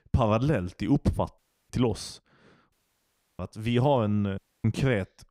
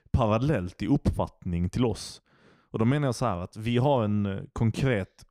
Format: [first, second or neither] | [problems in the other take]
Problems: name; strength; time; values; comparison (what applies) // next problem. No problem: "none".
second | audio cutting out; at 1.5 s, at 2.5 s for 0.5 s and at 4.5 s